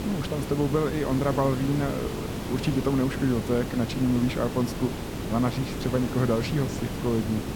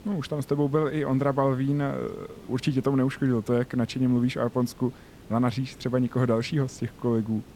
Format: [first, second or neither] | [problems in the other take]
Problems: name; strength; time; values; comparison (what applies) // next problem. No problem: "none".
second | hiss; loud; throughout; 5 dB below the speech; faint in the second